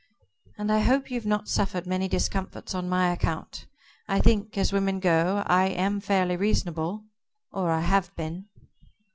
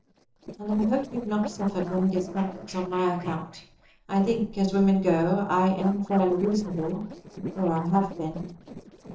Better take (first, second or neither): first